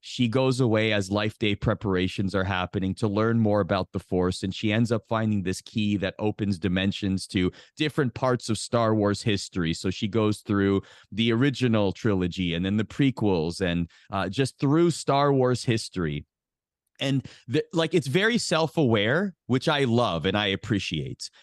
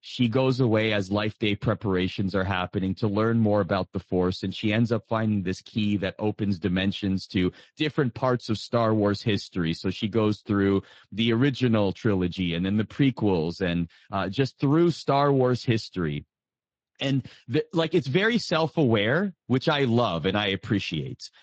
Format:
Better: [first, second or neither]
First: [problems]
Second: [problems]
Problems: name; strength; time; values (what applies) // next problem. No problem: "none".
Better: first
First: none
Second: garbled, watery; slightly; nothing above 7.5 kHz